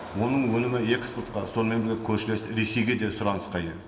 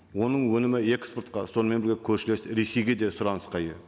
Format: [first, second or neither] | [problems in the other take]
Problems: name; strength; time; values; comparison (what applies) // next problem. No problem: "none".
second | background sound (Engine); 17 dB below the speech // room echo; dies away in 2.6 s